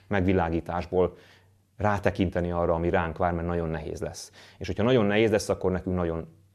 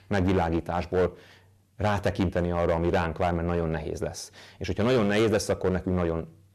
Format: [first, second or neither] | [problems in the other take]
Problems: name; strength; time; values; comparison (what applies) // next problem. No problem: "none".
first | distortion; slight; 7% of the sound clipped